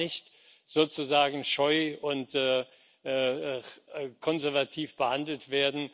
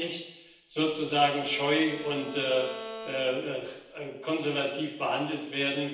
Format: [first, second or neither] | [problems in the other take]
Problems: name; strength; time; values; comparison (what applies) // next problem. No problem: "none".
first | background sound (Bowed string instrument); 13 dB below the speech // room echo; dies away in 0.9 s